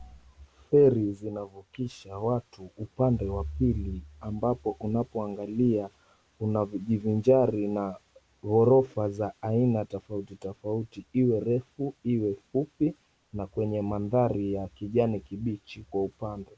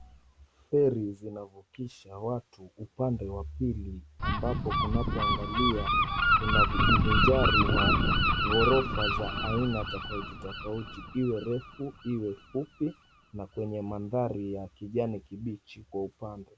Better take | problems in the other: first | background sound (Gull, seagull); 2 dB above the speech

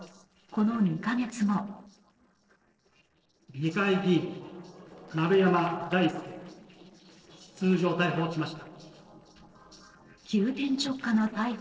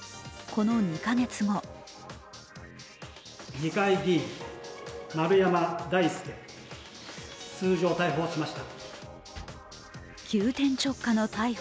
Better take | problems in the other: second | noise reduction (neural separator model SepFormer DNS4)

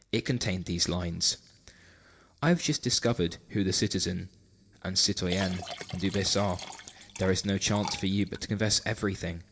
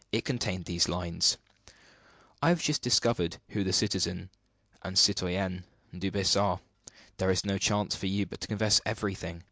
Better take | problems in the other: second | background sound (Liquid); 13 dB below the speech // room echo; dies away in 0.5 s

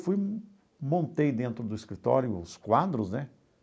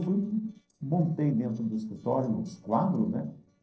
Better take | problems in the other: first | noise reduction (neural separator model SepFormer DNS4)

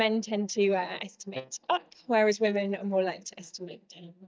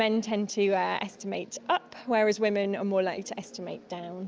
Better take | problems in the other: second | noise reduction (neural mask model DeepFilterNet 3)

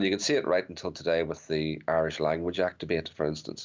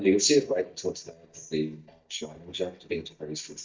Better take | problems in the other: first | noise reduction (neural mask model DeepFilterNet 3)

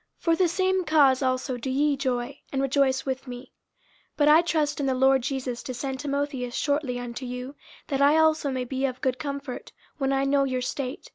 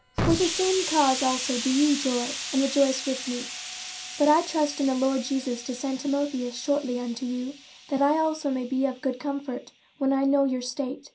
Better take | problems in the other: first | background sound (Explosion); 9 dB below the speech // room echo; dies away in 0.3 s

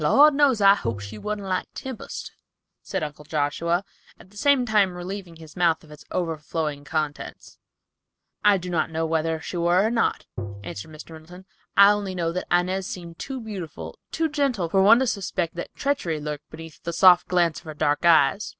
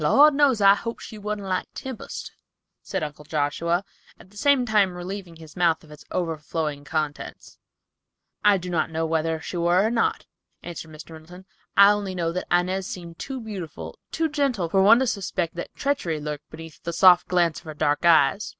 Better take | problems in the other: second | background sound (Tap); 9 dB below the speech

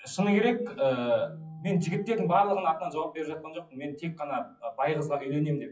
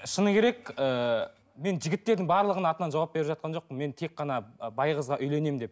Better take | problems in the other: second | noise reduction (classical method WPE with log-MMSE)

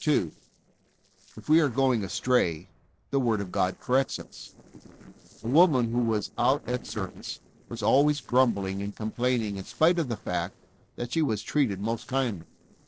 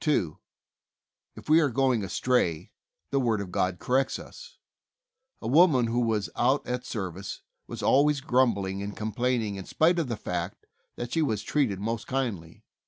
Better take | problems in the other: second | noise reduction (neural separator model SepFormer DNS4)

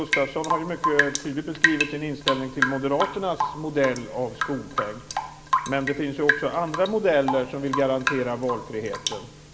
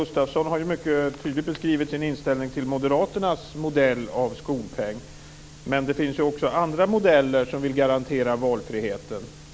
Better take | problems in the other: second | background sound (Drip / Rain); 2 dB below the speech // room echo; dies away in 1.8 s

